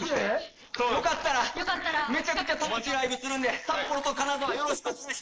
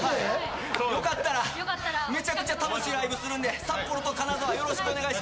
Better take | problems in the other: second | noise reduction (neural mask model Resemble Enhance denoiser)

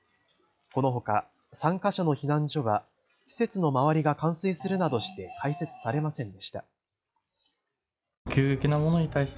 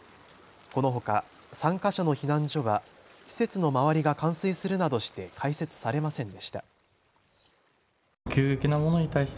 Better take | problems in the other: second | noise reduction (classical method log-MMSE)

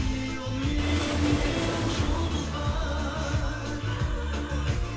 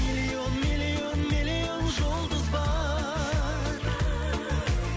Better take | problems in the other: second | background sound (Waves, surf); 5 dB below the speech // room echo; dies away in 0.3 s

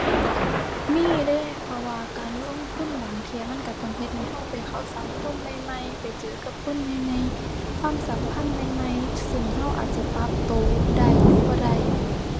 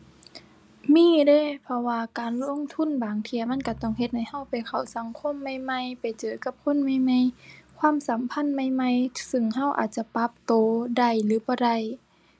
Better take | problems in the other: second | background sound (Thunder / Rain); 5 dB above the speech

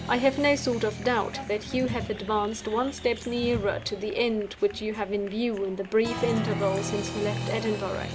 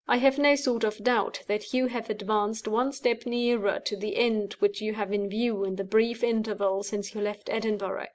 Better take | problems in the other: second | background sound (Applause); 8 dB below the speech

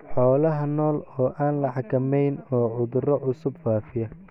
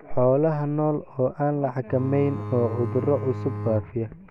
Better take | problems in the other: first | background sound (Bowed string instrument); 8 dB below the speech

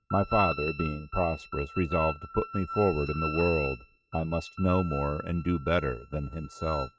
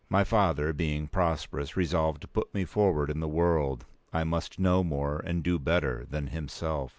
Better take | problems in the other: second | noise reduction (neural mask model RNNoise)

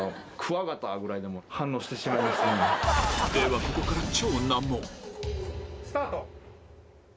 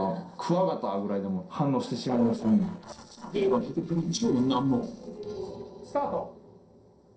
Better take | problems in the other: first | noise reduction (neural separator model SepFormer DNS4)

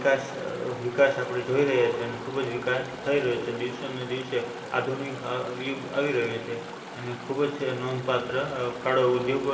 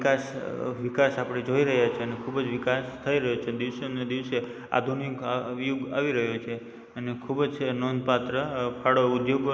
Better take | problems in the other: second | background sound (Chatter / Stream); 13 dB below the speech // room echo; dies away in 0.4 s

